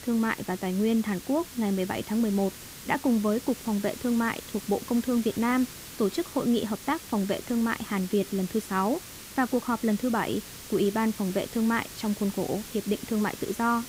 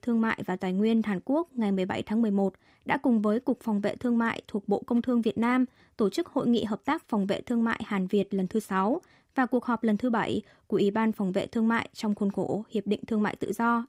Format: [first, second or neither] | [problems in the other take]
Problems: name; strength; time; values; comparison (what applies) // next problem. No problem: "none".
second | hiss; noticeable; throughout; 15 dB below the speech